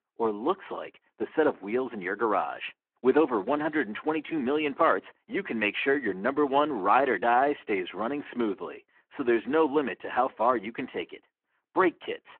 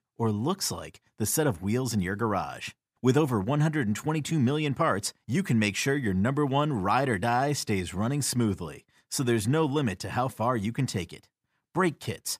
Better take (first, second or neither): second